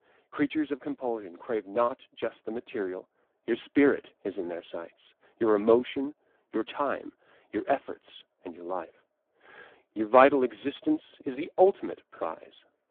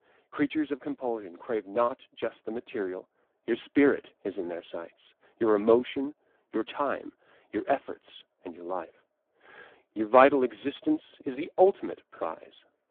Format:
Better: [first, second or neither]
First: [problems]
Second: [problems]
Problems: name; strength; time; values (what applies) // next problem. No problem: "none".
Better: neither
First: phone-call audio; poor line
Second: phone-call audio; poor line